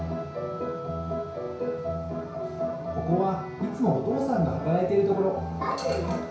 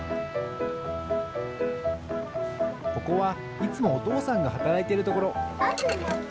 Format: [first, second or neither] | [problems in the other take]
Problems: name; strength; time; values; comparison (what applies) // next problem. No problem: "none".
second | room echo; dies away in 0.6 s